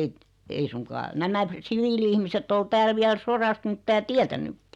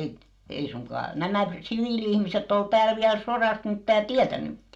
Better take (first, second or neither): first